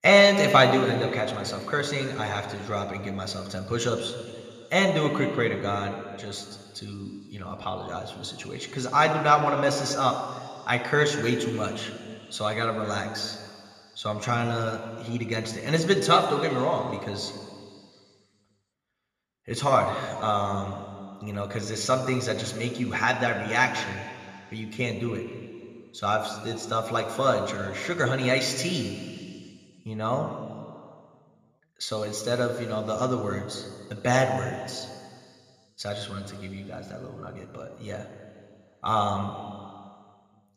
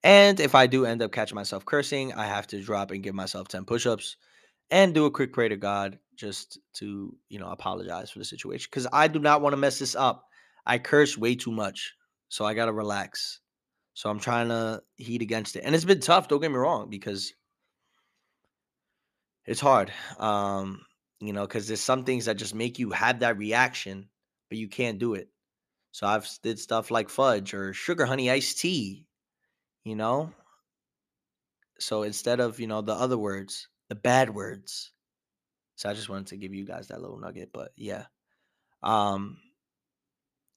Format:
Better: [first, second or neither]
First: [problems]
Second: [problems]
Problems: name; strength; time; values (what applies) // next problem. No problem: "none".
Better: second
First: room echo; slight; dies away in 2.5 s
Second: none